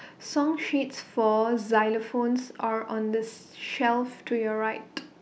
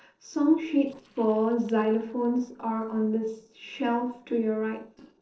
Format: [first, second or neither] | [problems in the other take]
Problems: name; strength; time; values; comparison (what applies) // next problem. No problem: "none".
first | noise reduction (neural separator model SepFormer DNS4)